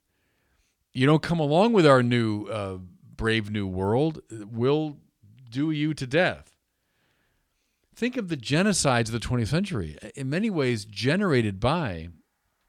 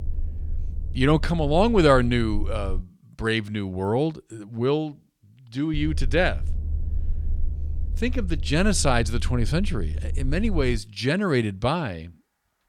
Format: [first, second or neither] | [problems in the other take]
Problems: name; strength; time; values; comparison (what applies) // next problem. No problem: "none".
first | low rumble; faint; until 3 s and from 5.5 to 11 s; 25 dB below the speech